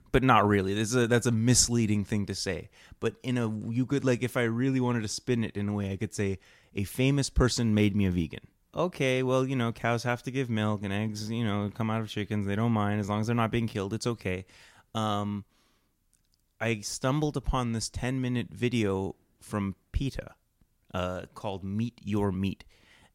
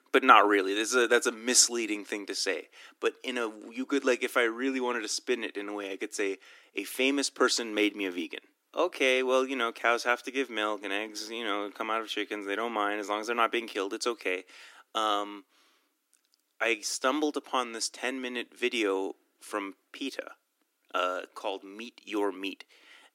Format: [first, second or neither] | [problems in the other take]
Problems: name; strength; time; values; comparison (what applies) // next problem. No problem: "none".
first | thin; somewhat; fading below 300 Hz